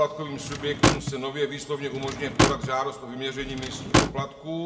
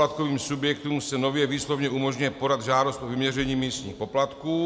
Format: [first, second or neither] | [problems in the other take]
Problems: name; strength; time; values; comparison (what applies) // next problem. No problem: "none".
second | background sound (Drawer open or close / Wood); 3 dB above the speech // room echo; dies away in 1.2 s